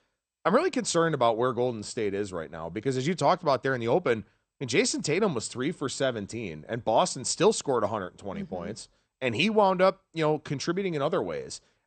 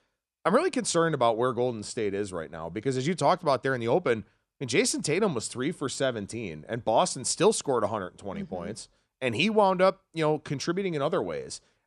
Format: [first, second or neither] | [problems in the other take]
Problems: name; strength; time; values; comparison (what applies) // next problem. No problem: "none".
second | garbled, watery; slightly; nothing above 8.5 kHz